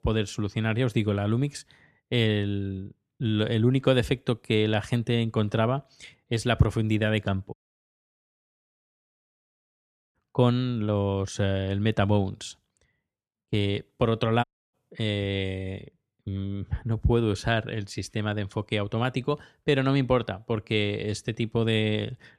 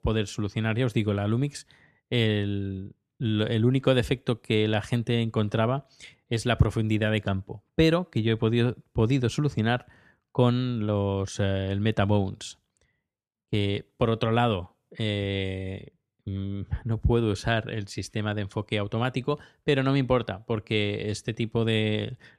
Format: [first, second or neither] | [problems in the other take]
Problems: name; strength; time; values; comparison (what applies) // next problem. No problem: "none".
second | audio cutting out; at 7.5 s for 2.5 s and at 14 s